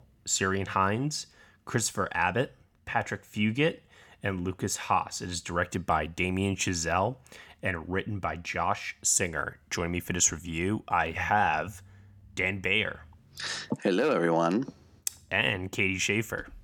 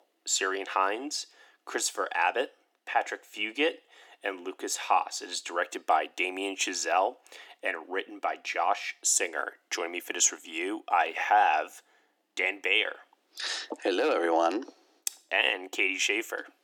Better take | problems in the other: first | thin; somewhat; fading below 300 Hz

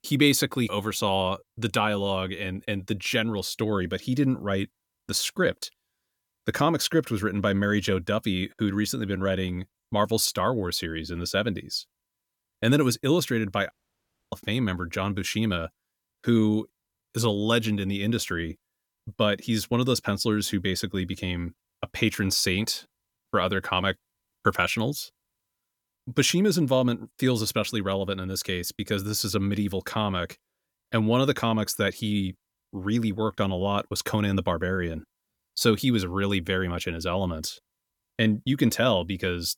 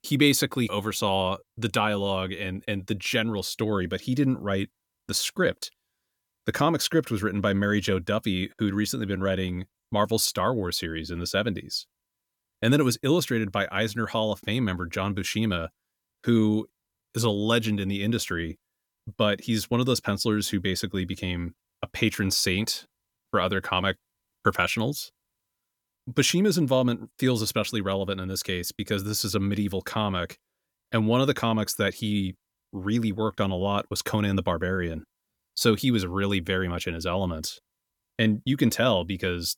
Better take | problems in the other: second | audio cutting out; at 14 s for 0.5 s

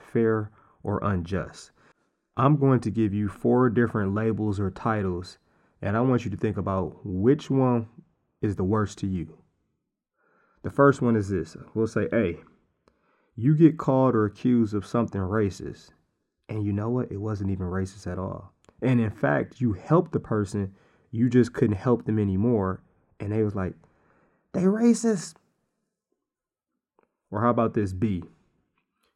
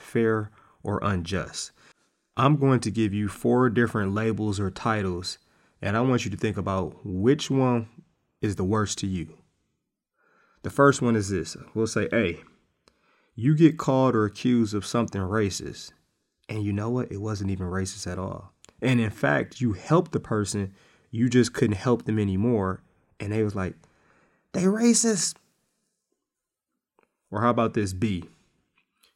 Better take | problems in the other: second | muffled; slightly; fading above 2 kHz

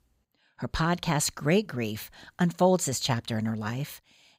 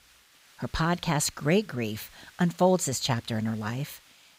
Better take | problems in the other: first | hiss; faint; throughout; 25 dB below the speech

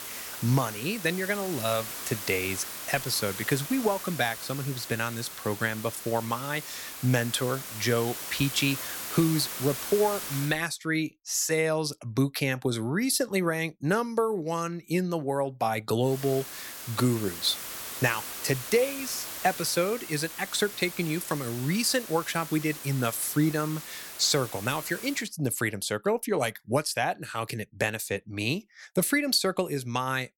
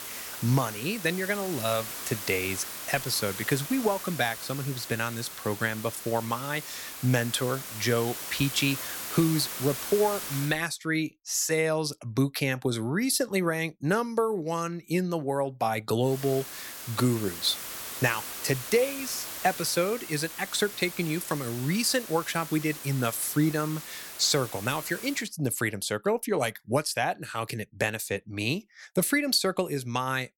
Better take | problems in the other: neither | hiss; loud; until 11 s and from 16 to 25 s; 8 dB below the speech; the same in both

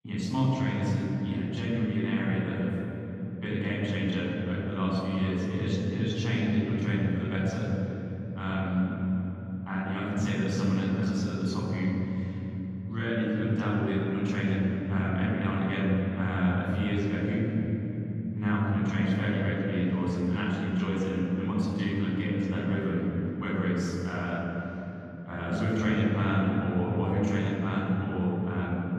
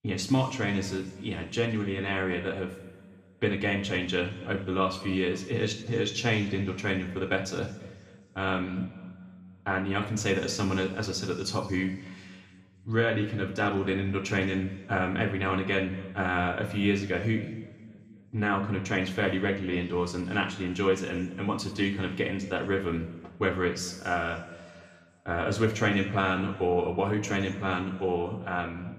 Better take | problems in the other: second | room echo; strong; dies away in 3 s; slight in the second // off-mic speech; far; somewhat distant in the second

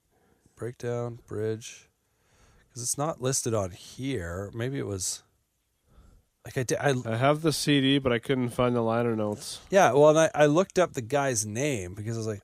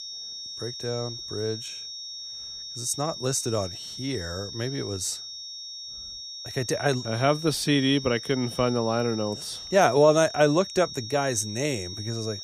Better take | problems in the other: first | high-pitched whine; loud; throughout; 5.5 kHz, 10 dB below the speech

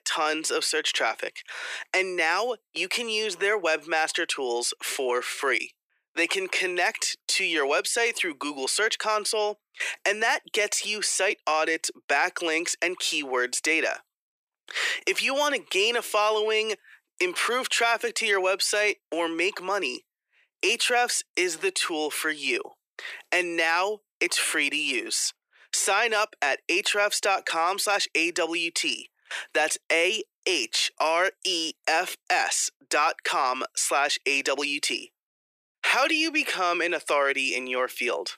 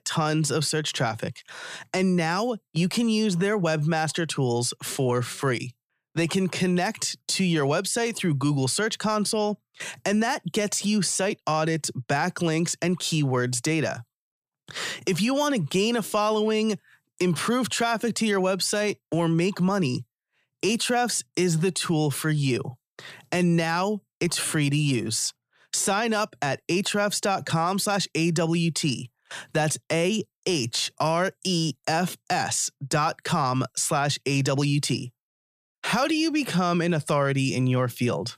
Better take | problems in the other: second | thin; very; fading below 350 Hz

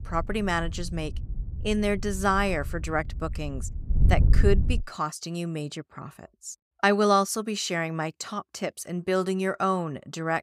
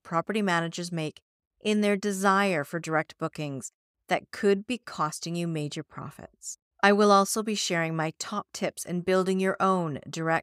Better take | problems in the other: second | wind noise on the microphone; occasional gusts; until 5 s; 20 dB below the speech

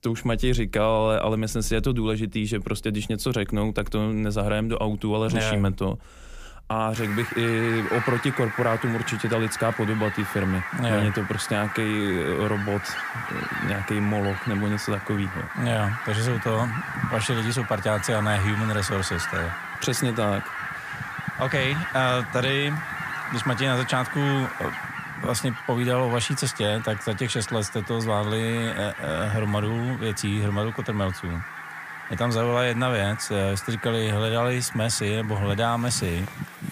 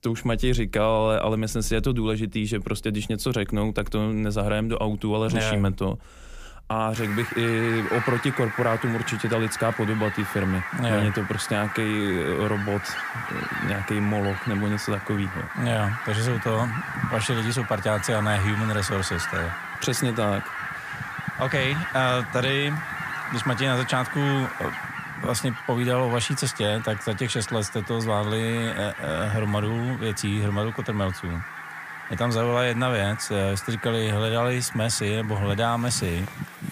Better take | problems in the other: neither | animal sounds; loud; throughout; 7 dB below the speech; the same in both

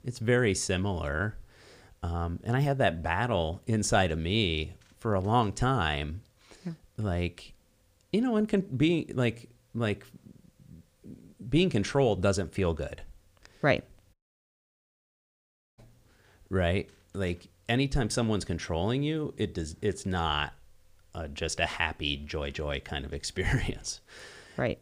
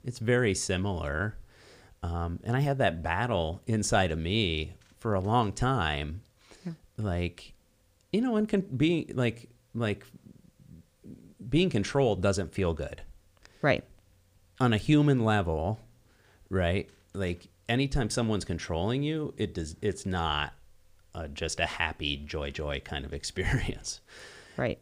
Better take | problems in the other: second | audio cutting out; at 14 s for 1.5 s

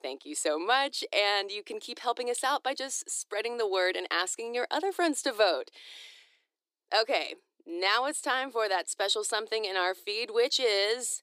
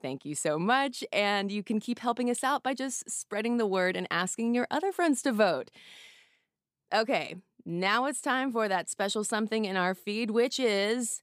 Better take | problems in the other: second | thin; somewhat; fading below 300 Hz

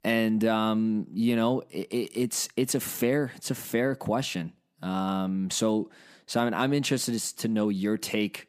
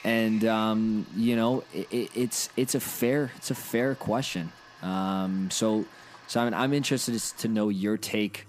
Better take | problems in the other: first | household noises; faint; throughout; 20 dB below the speech

